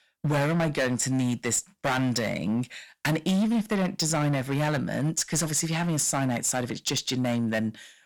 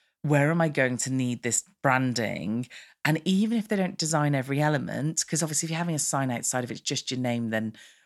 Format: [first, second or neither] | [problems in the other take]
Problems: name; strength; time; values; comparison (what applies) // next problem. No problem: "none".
second | distortion; heavy; 14% of the sound clipped